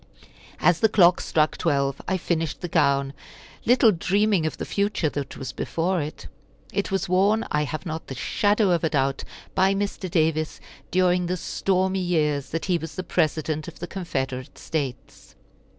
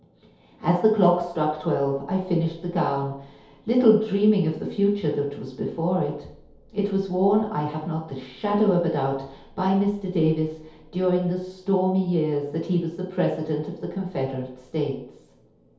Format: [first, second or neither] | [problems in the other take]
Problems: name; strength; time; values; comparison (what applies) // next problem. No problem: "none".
first | room echo; dies away in 0.8 s